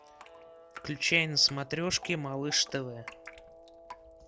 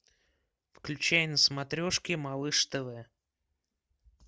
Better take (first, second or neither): second